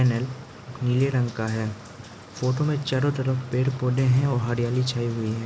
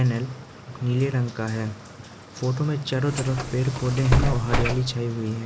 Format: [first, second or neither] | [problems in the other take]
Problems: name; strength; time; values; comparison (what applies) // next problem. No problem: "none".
first | background sound (Bus); 1 dB below the speech